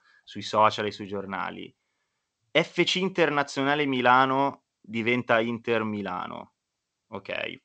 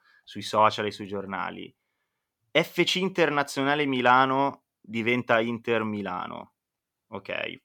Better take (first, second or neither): second